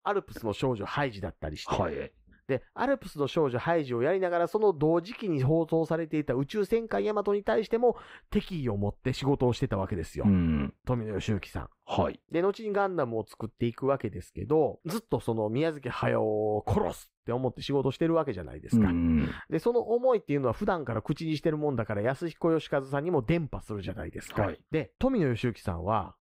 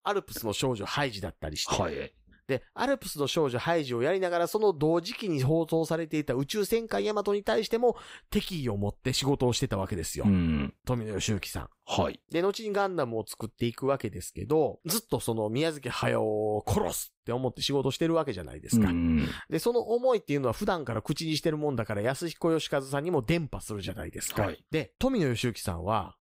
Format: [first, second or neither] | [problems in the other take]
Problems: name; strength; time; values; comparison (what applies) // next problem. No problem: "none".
second | muffled; slightly; fading above 3.5 kHz